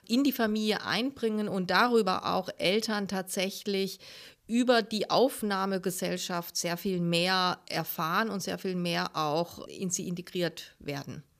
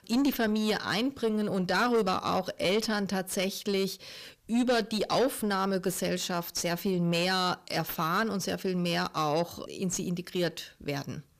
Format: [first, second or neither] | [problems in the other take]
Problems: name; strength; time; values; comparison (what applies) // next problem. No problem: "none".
first | distortion; slight; 10 dB below the speech